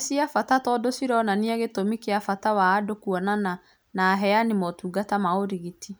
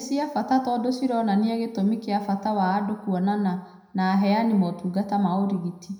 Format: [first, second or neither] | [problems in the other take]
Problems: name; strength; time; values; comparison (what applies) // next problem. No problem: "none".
first | room echo; dies away in 0.8 s